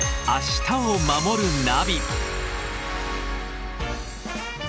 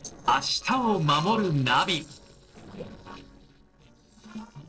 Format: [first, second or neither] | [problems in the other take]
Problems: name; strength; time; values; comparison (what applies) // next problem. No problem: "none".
first | noise reduction (neural separator model SepFormer DNS4)